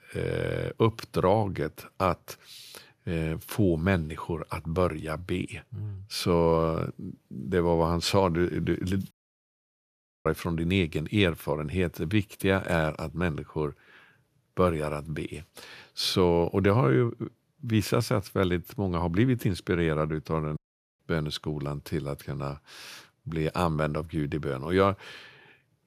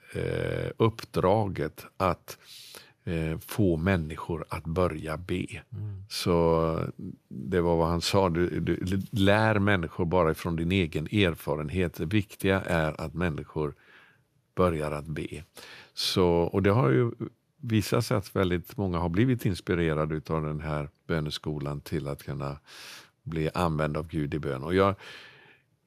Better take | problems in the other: second | audio cutting out; at 9 s for 1 s and at 21 s

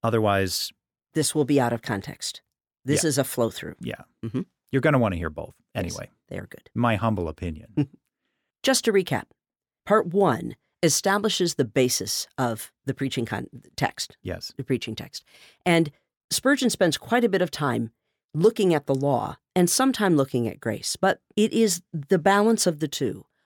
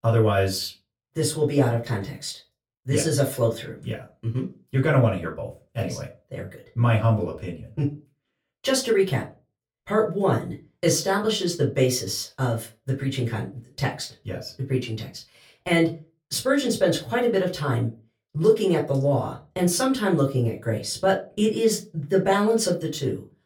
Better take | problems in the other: first | off-mic speech; far // room echo; very slight; dies away in 0.2 s

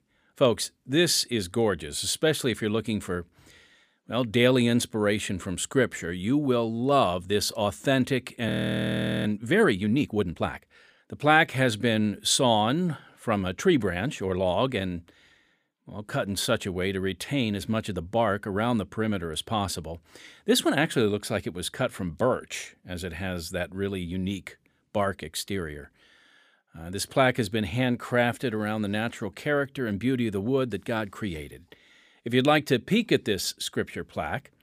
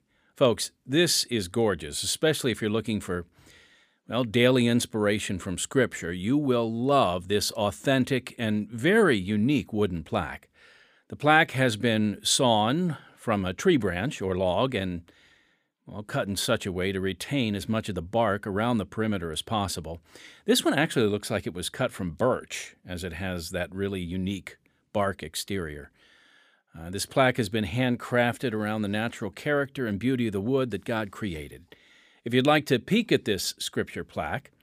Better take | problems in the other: second | audio freezing; at 8.5 s for 1 s

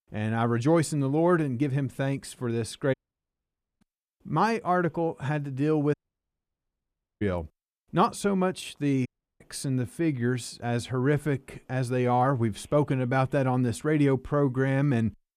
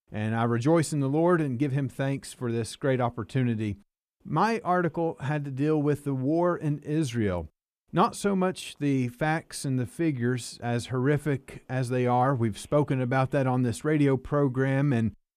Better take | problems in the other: second | audio cutting out; at 3 s for 1 s, at 6 s for 1.5 s and at 9 s

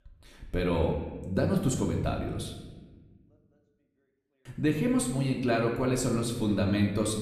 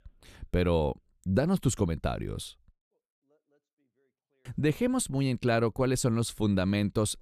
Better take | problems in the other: second | room echo; slight; dies away in 1 s // off-mic speech; somewhat distant

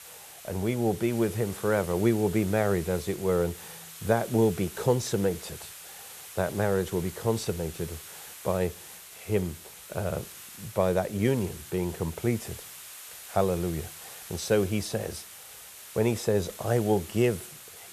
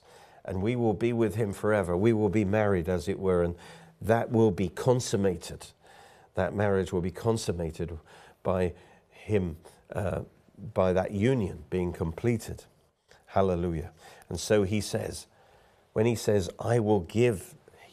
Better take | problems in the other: second | hiss; noticeable; throughout; 15 dB below the speech

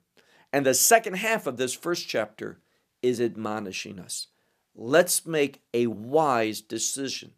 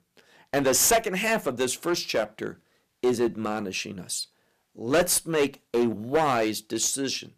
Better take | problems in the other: first | distortion; heavy; 6% of the sound clipped

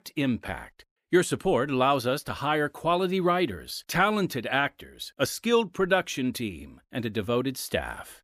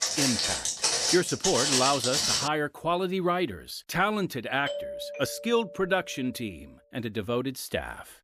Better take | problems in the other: first | footsteps; loud; until 2.5 s; peak 5 dB above the speech // doorbell; noticeable; from 4.5 to 6.5 s; peak 6 dB below the speech

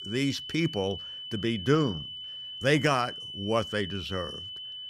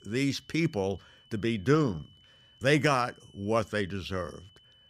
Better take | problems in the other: second | high-pitched whine; loud; throughout; 3 kHz, 8 dB below the speech; faint in the second

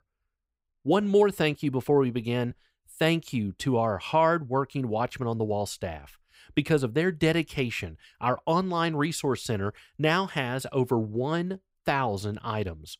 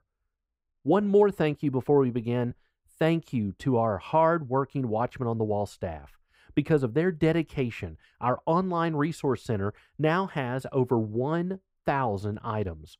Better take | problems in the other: first | muffled; slightly; fading above 2 kHz

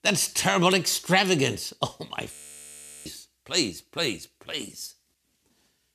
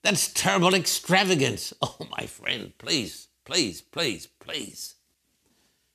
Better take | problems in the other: second | audio freezing; at 2.5 s for 0.5 s

